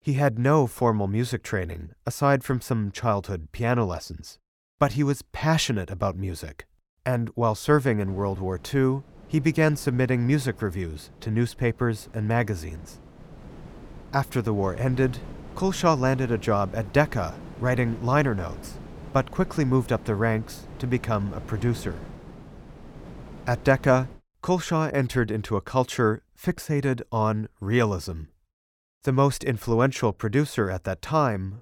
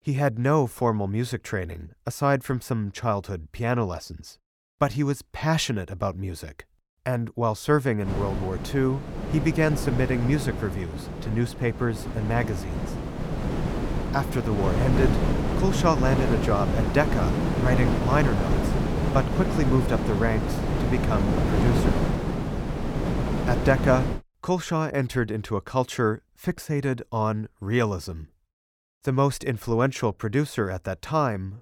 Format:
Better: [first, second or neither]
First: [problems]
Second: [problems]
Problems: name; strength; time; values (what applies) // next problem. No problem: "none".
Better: first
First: wind noise on the microphone; occasional gusts; from 8 to 24 s; 20 dB below the speech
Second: wind noise on the microphone; heavy; from 8 to 24 s; 4 dB below the speech